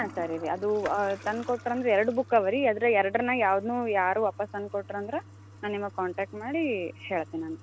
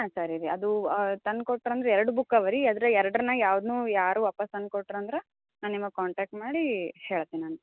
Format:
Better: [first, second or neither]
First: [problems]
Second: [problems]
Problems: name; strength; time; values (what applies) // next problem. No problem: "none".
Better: second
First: background sound (Toilet flush); 19 dB below the speech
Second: none